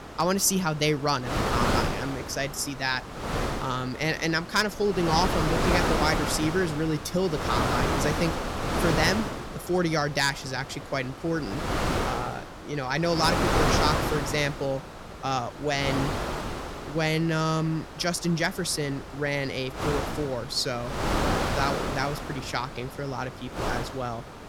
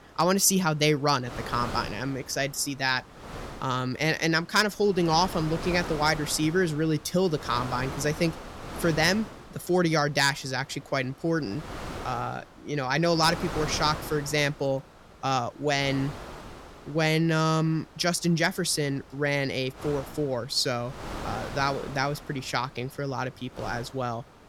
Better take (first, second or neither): second